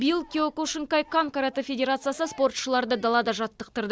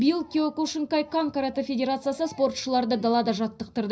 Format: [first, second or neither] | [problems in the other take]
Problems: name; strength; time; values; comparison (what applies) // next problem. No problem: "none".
first | room echo; dies away in 0.4 s